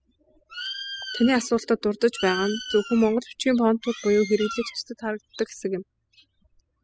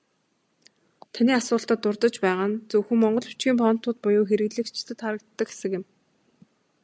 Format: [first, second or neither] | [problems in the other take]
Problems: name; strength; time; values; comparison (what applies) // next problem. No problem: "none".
second | noise reduction (classical method spectral subtraction)